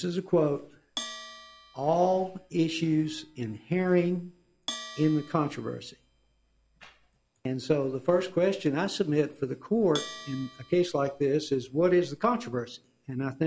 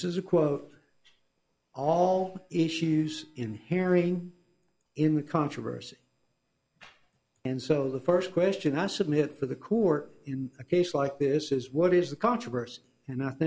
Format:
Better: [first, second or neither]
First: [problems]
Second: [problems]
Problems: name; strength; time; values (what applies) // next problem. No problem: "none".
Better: second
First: background sound (Bell); 17 dB below the speech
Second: none